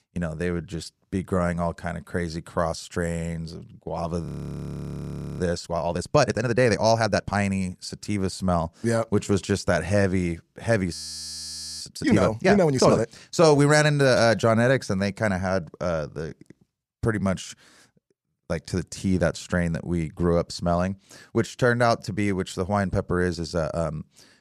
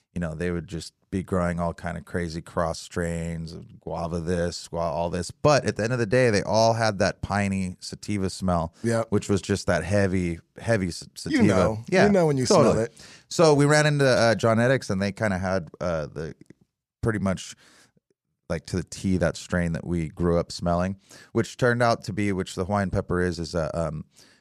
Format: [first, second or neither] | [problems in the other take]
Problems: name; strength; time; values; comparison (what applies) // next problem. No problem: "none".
second | audio freezing; at 4.5 s for 1 s and at 11 s for 1 s